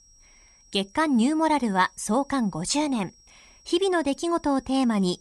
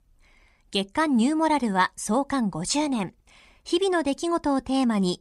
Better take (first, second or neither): second